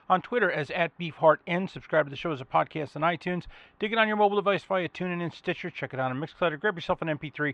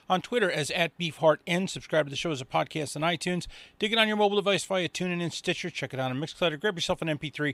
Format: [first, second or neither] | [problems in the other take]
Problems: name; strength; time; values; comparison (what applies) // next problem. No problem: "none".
second | muffled; very; fading above 2 kHz